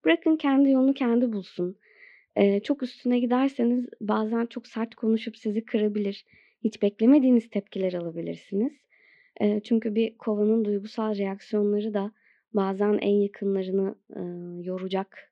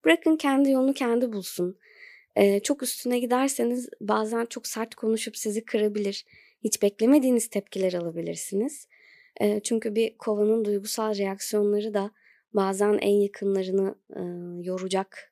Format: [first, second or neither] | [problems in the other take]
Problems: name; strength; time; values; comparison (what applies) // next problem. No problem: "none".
second | muffled; slightly; fading above 3.5 kHz